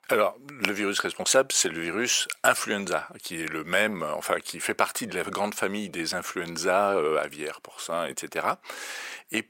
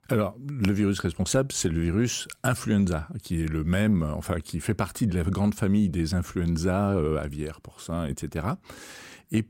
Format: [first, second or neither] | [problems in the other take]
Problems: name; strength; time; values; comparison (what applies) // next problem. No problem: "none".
second | thin; very; fading below 600 Hz